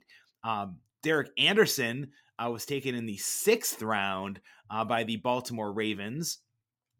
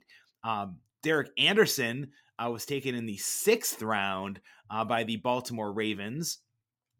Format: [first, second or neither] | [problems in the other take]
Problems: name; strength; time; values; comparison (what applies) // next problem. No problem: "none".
neither | none